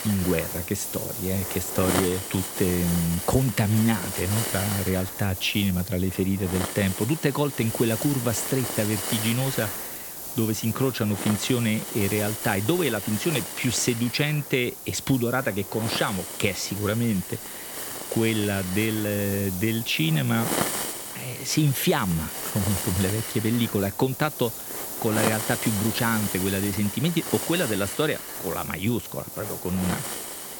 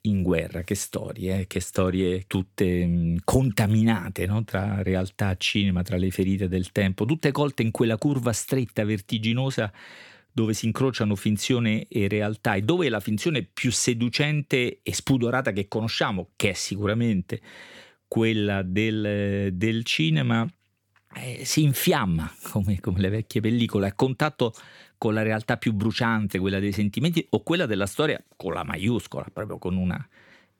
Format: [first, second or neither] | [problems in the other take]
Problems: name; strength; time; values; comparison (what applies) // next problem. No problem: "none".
second | hiss; loud; throughout; 5 dB below the speech